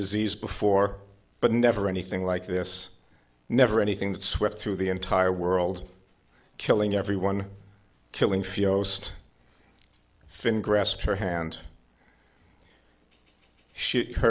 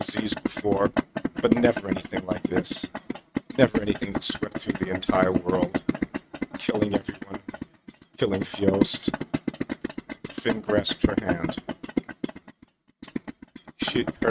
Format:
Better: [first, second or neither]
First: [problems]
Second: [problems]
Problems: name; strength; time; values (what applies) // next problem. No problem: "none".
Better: first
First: none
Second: noise reduction (neural mask model RNNoise)